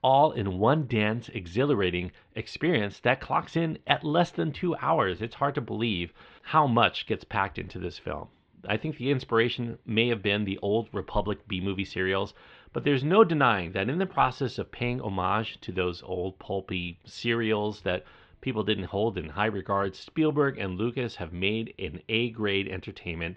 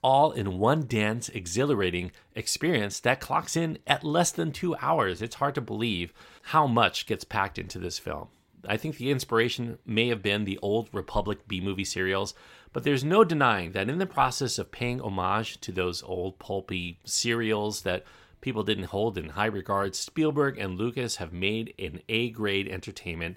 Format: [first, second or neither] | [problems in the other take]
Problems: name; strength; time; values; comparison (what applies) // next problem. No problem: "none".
second | muffled; slightly; fading above 3.5 kHz